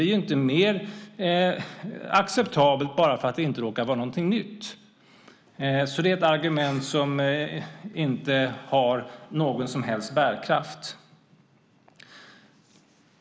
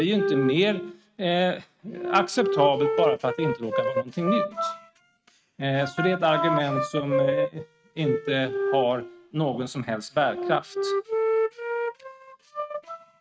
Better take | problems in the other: first | noise reduction (neural mask model RNNoise)

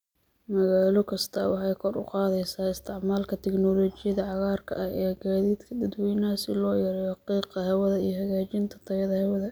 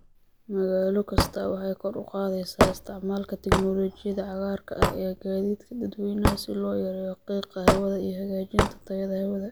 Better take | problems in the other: first | background sound (Hammer / Wood); 1 dB below the speech

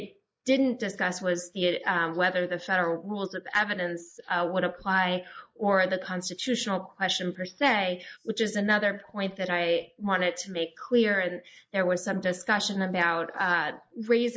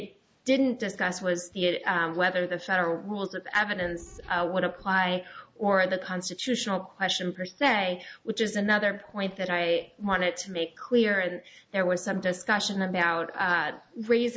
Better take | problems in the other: second | noise reduction (neural mask model Resemble Enhance denoiser)

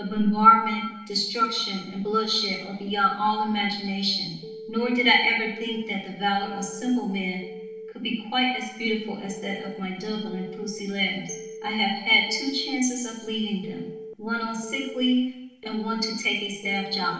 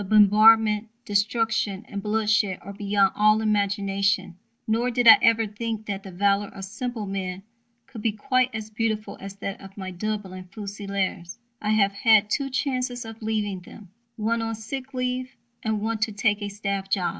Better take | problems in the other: second | background sound (Telephone); 15 dB below the speech // room echo; dies away in 0.9 s

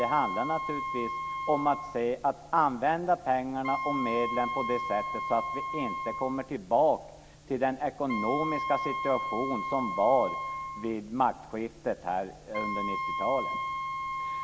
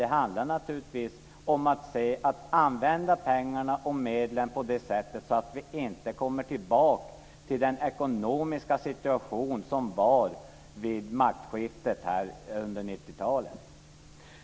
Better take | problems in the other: second | background sound (Wind instrument, woodwind instrument); 5 dB below the speech

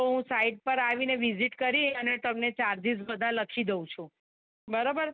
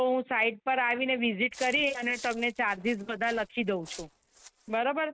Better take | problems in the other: first | noise reduction (neural mask model RNNoise)

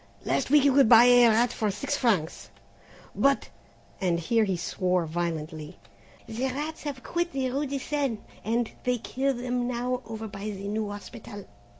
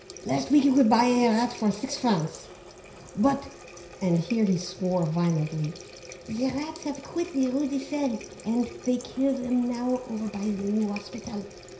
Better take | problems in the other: first | background sound (Water tap, faucet); 18 dB below the speech // room echo; dies away in 0.5 s

